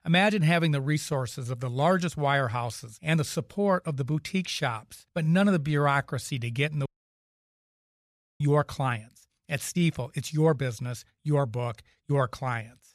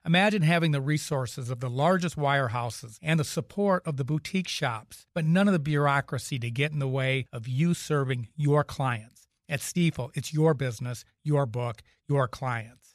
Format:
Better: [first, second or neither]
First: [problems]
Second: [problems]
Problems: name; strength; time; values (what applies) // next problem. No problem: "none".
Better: second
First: audio cutting out; at 7 s for 1.5 s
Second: none